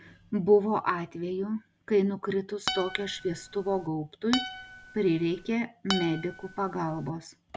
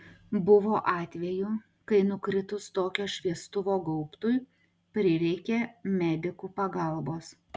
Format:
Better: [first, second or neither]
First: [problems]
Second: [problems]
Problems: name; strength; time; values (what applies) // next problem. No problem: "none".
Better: second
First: background sound (Acoustic guitar); 9 dB below the speech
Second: none